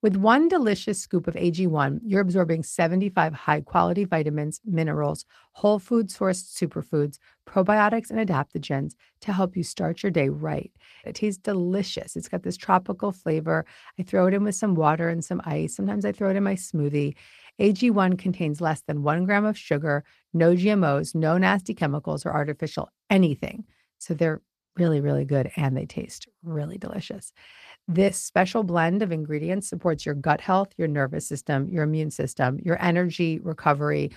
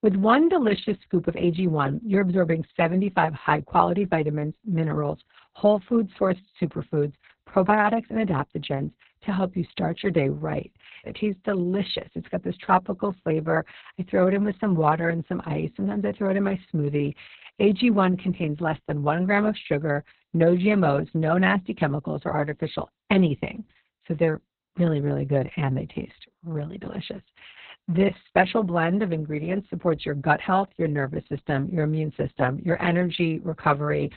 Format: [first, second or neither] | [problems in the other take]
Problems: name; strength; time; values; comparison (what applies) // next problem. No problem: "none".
first | garbled, watery; badly; nothing above 4 kHz; slightly in the first